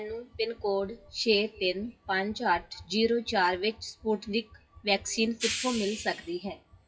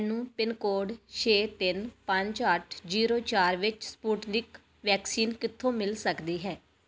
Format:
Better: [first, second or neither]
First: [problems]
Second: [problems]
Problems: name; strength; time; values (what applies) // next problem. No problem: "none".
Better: second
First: noise reduction (classical method WPE with log-MMSE)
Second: none